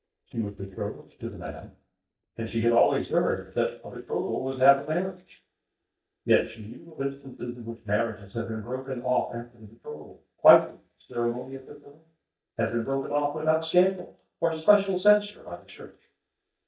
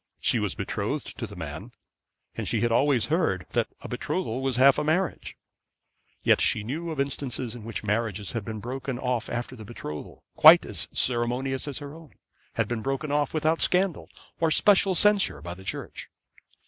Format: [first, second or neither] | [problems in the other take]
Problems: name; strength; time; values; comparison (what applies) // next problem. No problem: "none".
second | noise reduction (neural mask model DeepFilterNet 3)